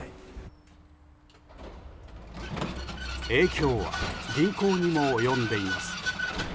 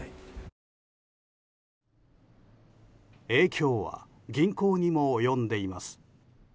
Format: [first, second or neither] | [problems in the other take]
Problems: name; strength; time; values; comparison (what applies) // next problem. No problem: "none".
second | background sound (Vehicle); 5 dB below the speech